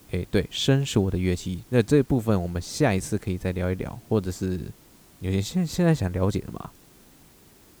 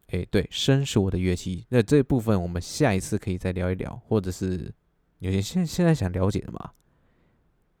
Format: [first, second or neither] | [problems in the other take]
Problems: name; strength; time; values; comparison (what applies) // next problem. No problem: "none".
second | hiss; faint; throughout; 25 dB below the speech